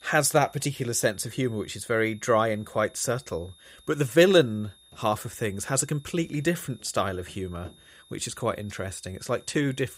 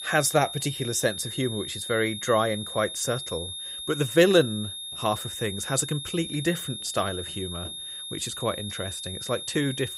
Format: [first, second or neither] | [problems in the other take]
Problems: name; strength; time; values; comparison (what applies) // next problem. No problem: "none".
first | high-pitched whine; loud; throughout; 3.5 kHz, 7 dB below the speech; faint in the first